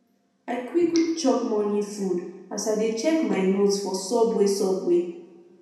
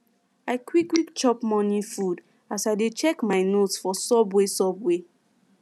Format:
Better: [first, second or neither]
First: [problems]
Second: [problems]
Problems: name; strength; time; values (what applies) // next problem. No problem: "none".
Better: second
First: room echo; dies away in 0.9 s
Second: none